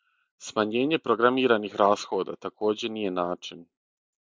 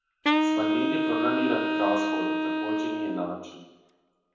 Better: first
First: none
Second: background sound (Wind instrument, woodwind instrument); 4 dB above the speech // room echo; dies away in 0.8 s

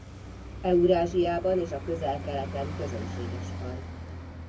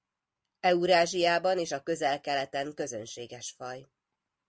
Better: second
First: background sound (Traffic noise, roadway noise); 8 dB below the speech // room echo; dies away in 0.3 s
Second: none

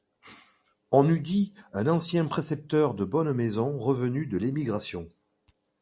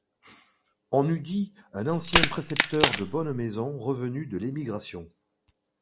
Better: first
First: none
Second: background sound (Crack); 4 dB above the speech

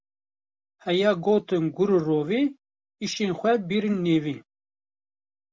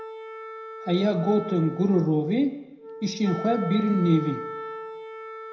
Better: first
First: none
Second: background sound (Wind instrument, woodwind instrument); 11 dB below the speech // room echo; dies away in 0.7 s

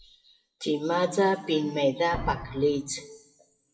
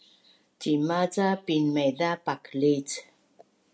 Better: second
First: noise reduction (classical method WPE with log-MMSE)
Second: none

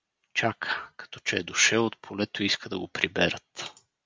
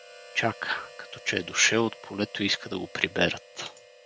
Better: first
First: none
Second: background sound (Harmonica); 19 dB below the speech

